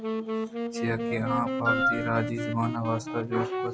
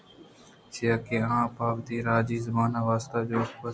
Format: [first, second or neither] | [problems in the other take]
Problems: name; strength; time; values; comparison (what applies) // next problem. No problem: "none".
second | background sound (Wind instrument, woodwind instrument + Wind instrument, woodwind instrument); as loud as the speech